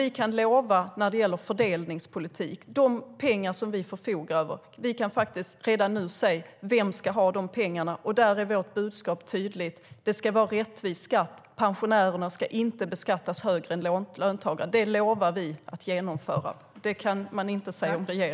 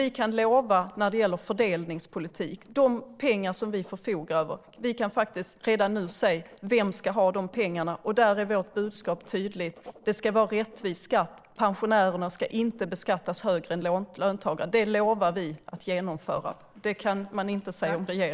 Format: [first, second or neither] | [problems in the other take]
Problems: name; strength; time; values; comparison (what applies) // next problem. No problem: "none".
first | noise reduction (neural separator model SepFormer DNS4)